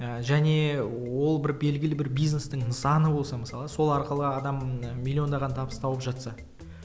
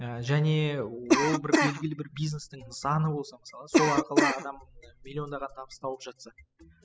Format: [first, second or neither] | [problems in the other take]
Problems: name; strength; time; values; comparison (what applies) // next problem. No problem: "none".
first | noise reduction (classical method spectral subtraction)